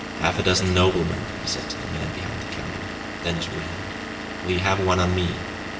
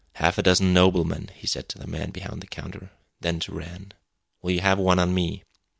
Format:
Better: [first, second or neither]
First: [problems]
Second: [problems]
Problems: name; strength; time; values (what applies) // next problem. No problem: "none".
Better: second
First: background sound (Engine / Vehicle); 7 dB below the speech // room echo; dies away in 1 s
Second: none